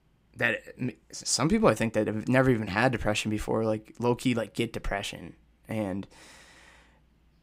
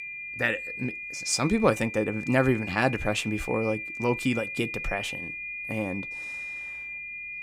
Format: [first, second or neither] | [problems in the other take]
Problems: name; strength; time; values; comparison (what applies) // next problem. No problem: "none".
first | high-pitched whine; loud; throughout; 2.5 kHz, 6 dB below the speech